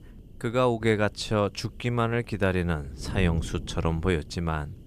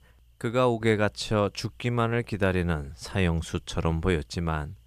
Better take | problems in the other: second | wind noise on the microphone; occasional gusts; 20 dB below the speech

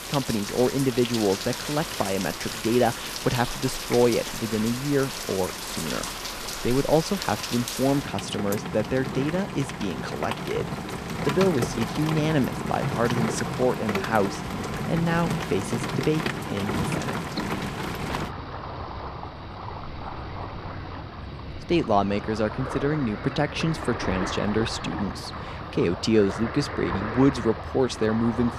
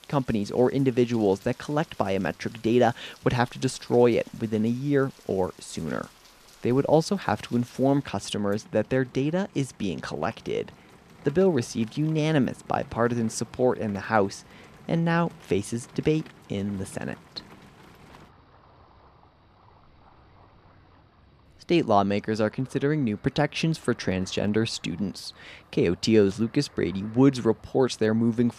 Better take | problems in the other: second | rain or running water; loud; throughout; 5 dB below the speech; faint in the second

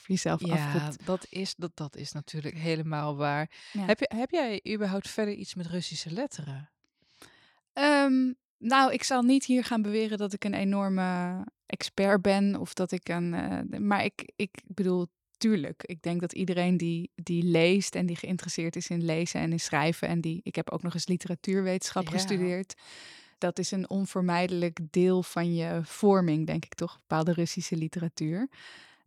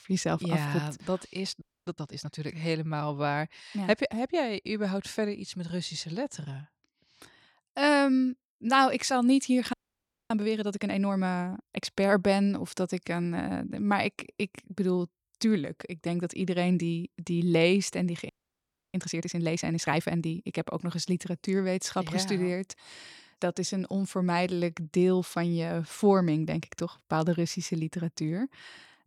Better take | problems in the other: first | audio freezing; at 1.5 s, at 9.5 s for 0.5 s and at 18 s for 0.5 s

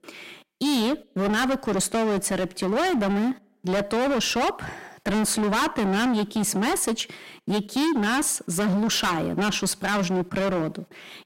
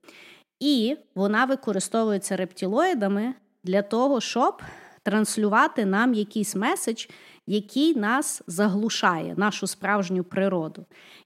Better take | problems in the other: second | distortion; heavy; 29% of the sound clipped

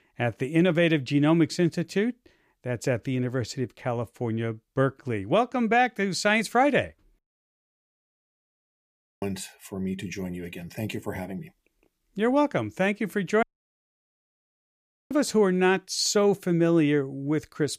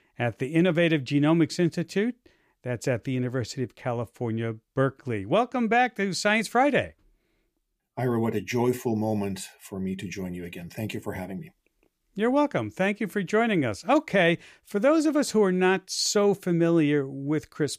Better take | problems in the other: second | audio cutting out; at 7 s for 2 s and at 13 s for 1.5 s

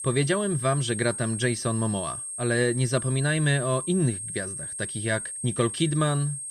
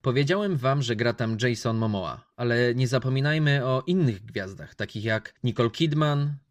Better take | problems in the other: second | high-pitched whine; loud; throughout; 8.5 kHz, 6 dB below the speech

